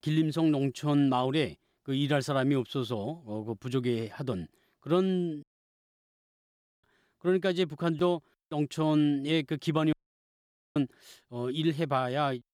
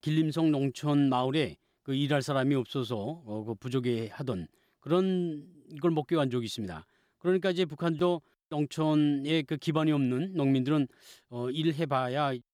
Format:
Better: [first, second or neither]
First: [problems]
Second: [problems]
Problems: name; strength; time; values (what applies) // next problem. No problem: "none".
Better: second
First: audio cutting out; at 5.5 s for 1.5 s and at 10 s for 1 s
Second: none